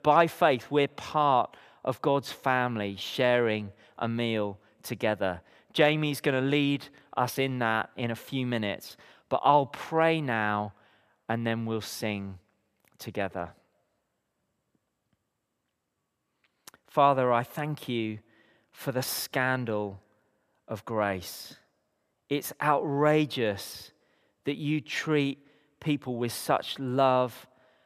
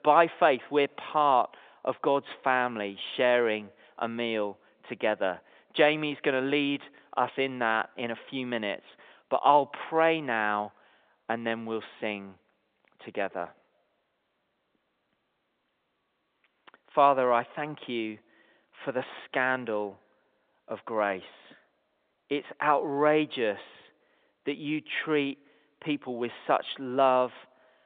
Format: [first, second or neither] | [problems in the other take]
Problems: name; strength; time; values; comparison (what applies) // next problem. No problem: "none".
first | phone-call audio; nothing above 3.5 kHz